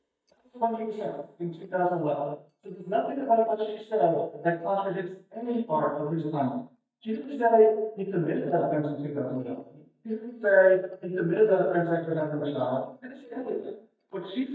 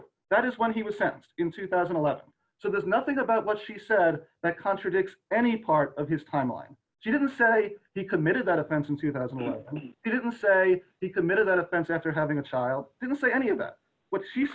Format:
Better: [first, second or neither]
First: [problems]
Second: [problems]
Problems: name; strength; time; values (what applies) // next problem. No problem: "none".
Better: second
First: noise reduction (neural mask model DeepFilterNet 3)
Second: none